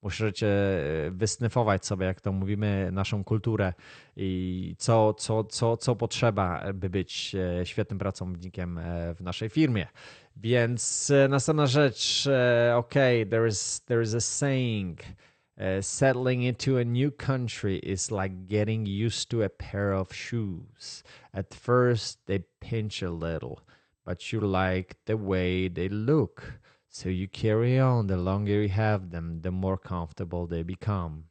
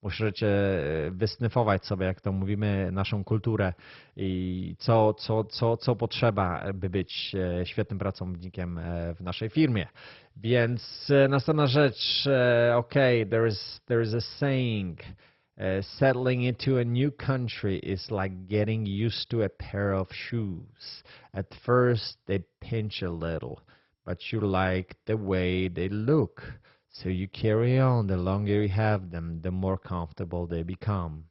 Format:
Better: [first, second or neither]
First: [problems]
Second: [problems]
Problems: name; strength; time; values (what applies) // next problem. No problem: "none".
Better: first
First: garbled, watery; slightly; nothing above 8.5 kHz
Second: garbled, watery; badly; nothing above 5.5 kHz